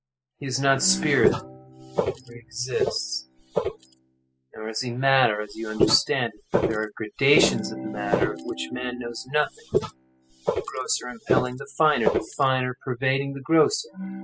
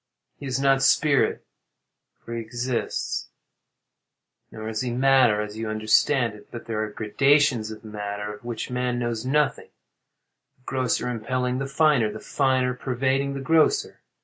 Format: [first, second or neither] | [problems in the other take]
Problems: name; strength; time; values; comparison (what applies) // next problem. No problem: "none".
second | noise reduction (classical method spectral subtraction)